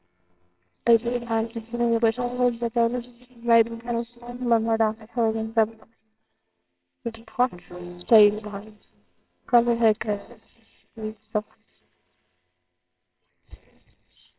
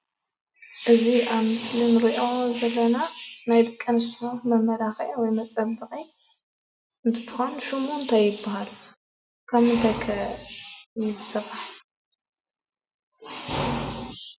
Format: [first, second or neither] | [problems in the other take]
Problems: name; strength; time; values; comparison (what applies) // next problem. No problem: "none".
second | noise reduction (neural separator model SepFormer WHAMR!)